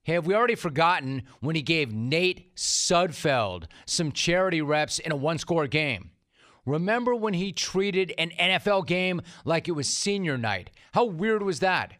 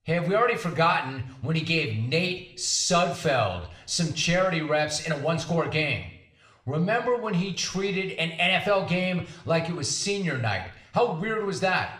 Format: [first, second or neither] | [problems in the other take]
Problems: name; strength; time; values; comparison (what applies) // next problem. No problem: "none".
first | room echo; slight; dies away in 0.5 s // off-mic speech; somewhat distant